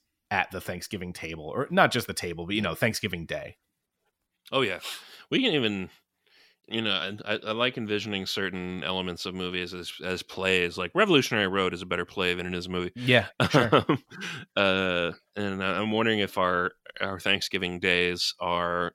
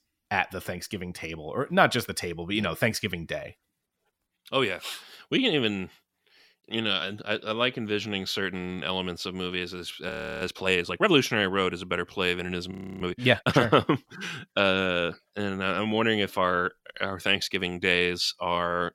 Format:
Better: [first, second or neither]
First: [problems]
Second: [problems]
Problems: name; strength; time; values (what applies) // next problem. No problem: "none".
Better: first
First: none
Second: audio freezing; at 10 s and at 13 s